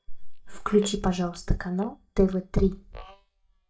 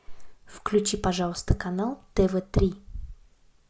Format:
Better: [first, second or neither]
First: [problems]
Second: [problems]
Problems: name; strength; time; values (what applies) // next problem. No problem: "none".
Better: second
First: noise reduction (neural mask model DeepFilterNet 3)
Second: none